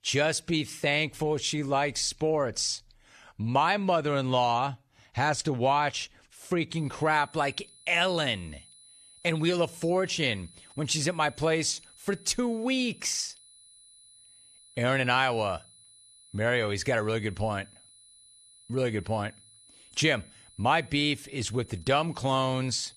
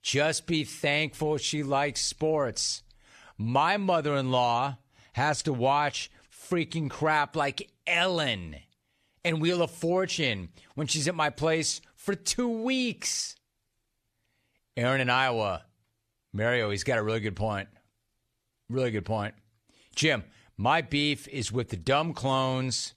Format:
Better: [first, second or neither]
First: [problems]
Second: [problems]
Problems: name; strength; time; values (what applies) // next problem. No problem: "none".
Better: second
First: high-pitched whine; faint; from 7 s on; 10 kHz, 25 dB below the speech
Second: none